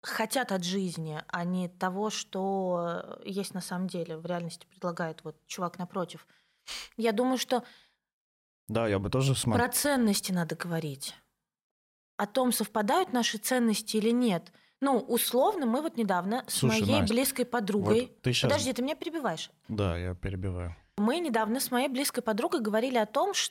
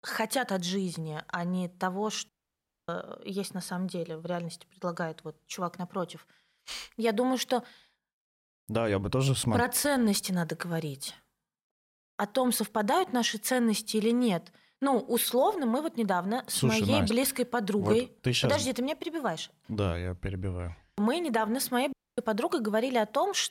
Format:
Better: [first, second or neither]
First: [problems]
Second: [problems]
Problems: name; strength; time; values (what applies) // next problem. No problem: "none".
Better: first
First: none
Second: audio cutting out; at 2.5 s for 0.5 s and at 22 s